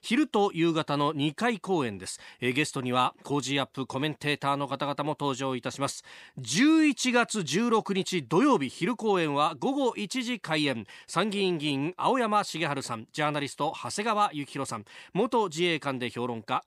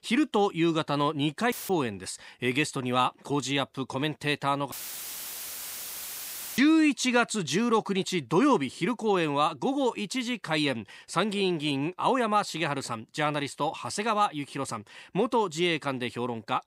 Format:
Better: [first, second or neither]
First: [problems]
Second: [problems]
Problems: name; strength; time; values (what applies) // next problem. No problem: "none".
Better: first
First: none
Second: audio cutting out; filled with static; at 1.5 s and at 4.5 s for 2 s